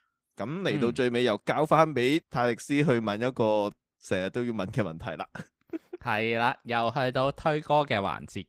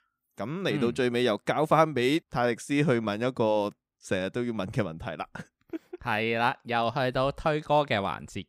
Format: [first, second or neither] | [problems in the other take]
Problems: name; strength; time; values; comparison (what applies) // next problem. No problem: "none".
second | garbled, watery; slightly; nothing above 15.5 kHz